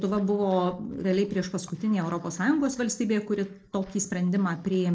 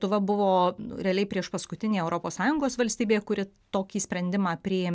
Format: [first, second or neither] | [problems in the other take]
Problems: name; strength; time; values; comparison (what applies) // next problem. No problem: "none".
second | noise reduction (neural separator model SepFormer DNS4)